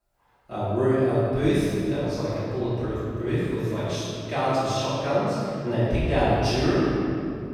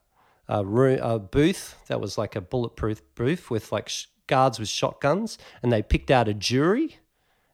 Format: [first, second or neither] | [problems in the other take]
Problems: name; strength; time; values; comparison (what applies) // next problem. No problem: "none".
second | off-mic speech; far // room echo; strong; dies away in 2.7 s